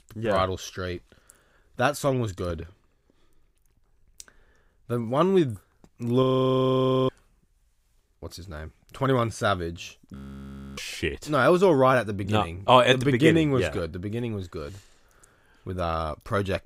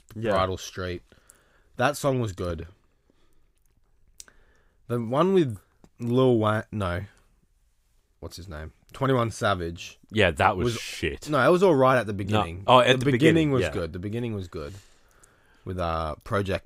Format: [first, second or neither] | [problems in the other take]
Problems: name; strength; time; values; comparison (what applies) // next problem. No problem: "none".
second | audio freezing; at 6 s for 1 s and at 10 s for 0.5 s